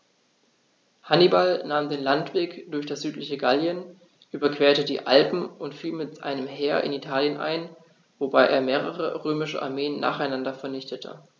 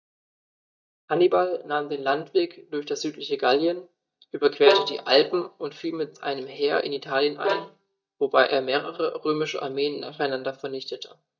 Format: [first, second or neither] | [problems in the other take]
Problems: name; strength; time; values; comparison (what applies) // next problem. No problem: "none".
first | noise reduction (neural mask model DeepFilterNet 3)